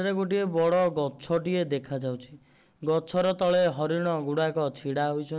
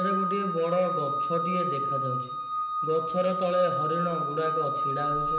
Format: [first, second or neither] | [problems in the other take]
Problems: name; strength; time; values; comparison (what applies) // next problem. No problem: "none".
first | background sound (Organ); as loud as the speech // room echo; dies away in 0.9 s